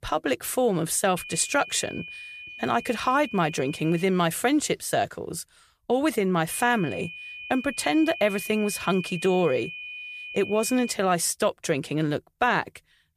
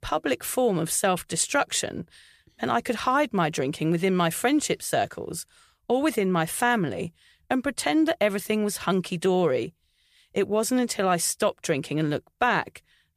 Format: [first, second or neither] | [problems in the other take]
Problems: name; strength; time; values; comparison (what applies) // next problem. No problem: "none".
second | high-pitched whine; noticeable; from 1 to 4 s and from 6.5 to 11 s; 2.5 kHz, 10 dB below the speech